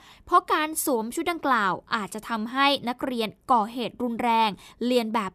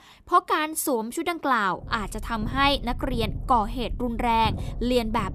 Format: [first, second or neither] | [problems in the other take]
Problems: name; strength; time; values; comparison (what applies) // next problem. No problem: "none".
first | low rumble; faint; from 2 s on; 25 dB below the speech